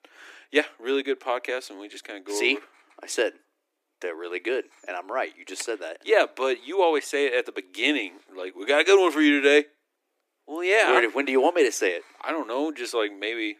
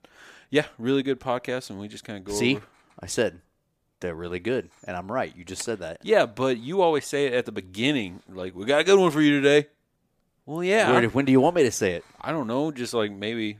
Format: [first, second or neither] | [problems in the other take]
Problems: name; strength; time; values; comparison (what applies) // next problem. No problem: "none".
second | thin; very slightly; fading below 300 Hz